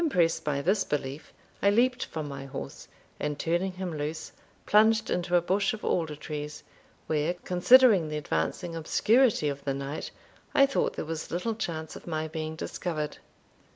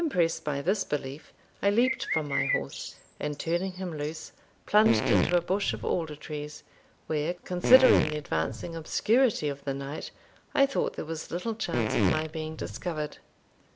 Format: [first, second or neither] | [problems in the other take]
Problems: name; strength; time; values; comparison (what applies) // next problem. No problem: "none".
first | background sound (Bird + Fart); 2 dB below the speech